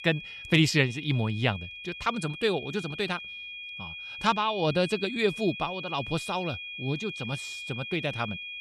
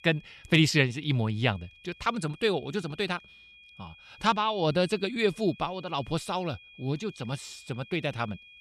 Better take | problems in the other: second | high-pitched whine; loud; throughout; 2.5 kHz, 9 dB below the speech; faint in the second

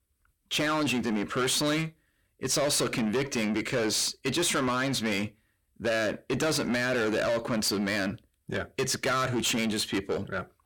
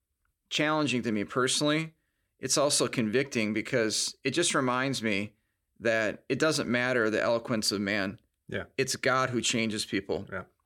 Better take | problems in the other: second | distortion; heavy; 7 dB below the speech

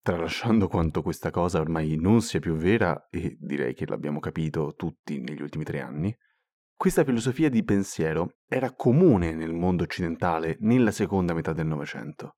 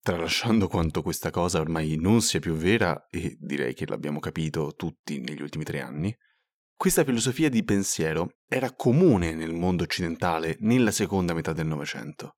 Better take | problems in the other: second | muffled; slightly; fading above 2.5 kHz

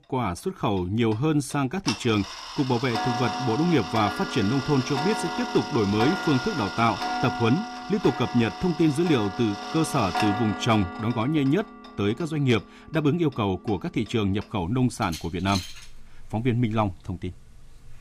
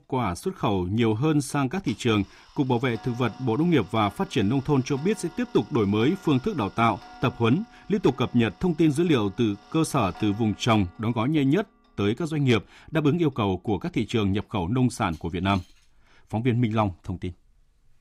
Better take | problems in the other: second | household noises; loud; throughout; 7 dB below the speech; faint in the second

